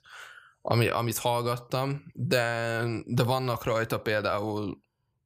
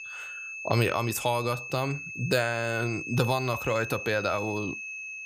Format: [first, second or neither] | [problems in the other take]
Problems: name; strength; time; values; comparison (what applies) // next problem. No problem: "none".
first | high-pitched whine; loud; throughout; 2.5 kHz, 7 dB below the speech